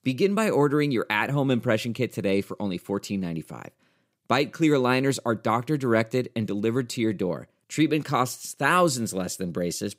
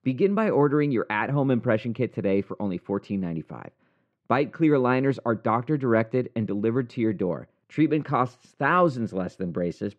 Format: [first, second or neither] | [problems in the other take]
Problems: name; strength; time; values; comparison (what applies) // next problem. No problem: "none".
first | muffled; very; fading above 2 kHz